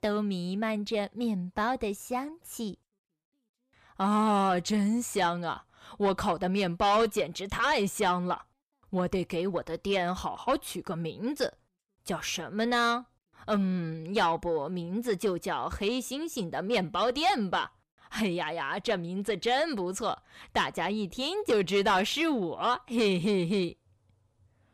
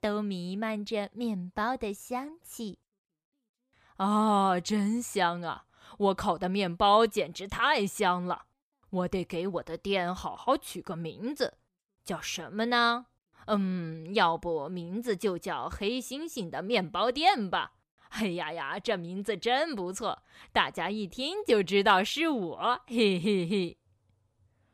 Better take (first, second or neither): second